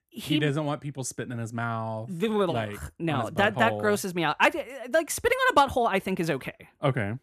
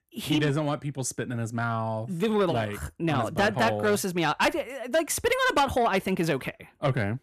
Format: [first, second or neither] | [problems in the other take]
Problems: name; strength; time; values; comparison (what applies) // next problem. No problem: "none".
first | distortion; slight; 10 dB below the speech